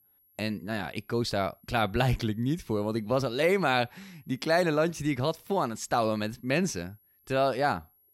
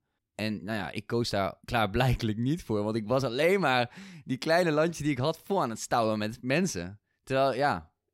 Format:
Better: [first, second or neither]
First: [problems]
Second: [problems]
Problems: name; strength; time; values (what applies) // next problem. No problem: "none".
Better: second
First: high-pitched whine; faint; throughout; 11.5 kHz, 35 dB below the speech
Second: none